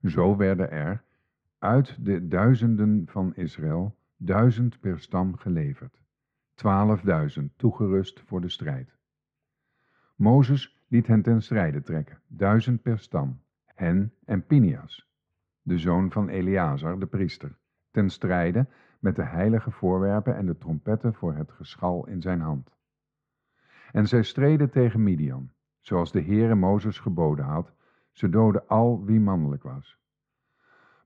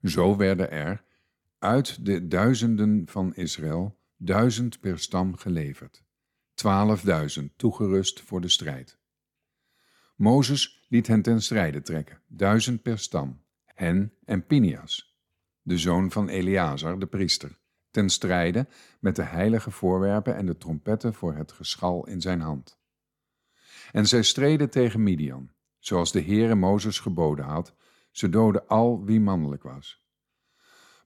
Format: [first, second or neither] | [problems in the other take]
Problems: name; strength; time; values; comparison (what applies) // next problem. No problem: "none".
second | muffled; very; fading above 1.5 kHz